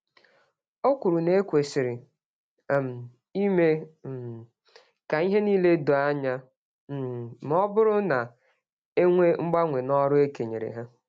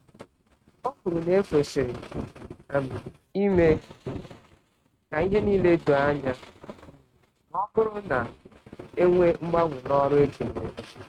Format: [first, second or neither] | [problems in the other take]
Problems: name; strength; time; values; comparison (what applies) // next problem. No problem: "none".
first | noise reduction (neural mask model RNNoise)